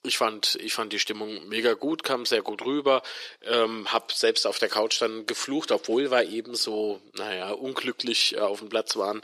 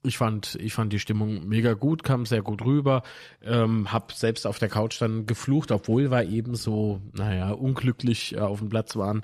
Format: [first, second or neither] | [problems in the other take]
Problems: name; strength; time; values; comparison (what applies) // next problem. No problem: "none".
second | thin; very; fading below 350 Hz